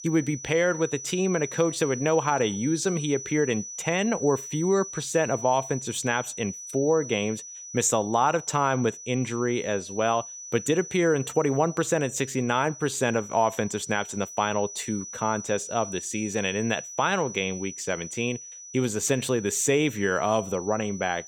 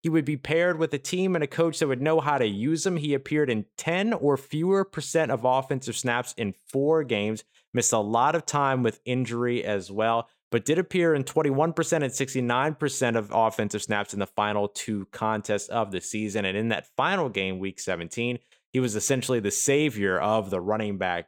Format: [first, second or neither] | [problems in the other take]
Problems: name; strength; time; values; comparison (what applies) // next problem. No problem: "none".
second | high-pitched whine; noticeable; throughout; 6 kHz, 10 dB below the speech